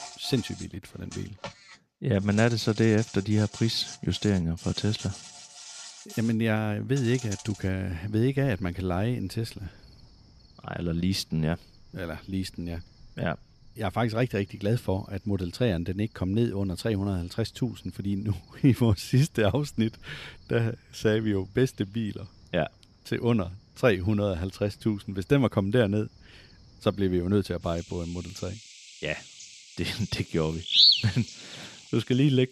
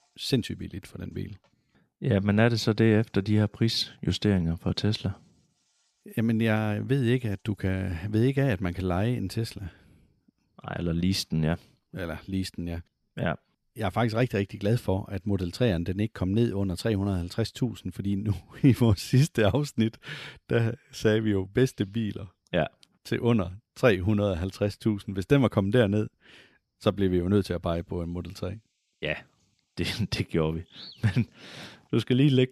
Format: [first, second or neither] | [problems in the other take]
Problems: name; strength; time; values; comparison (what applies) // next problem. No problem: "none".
second | animal sounds; loud; throughout; 1 dB below the speech; faint in the second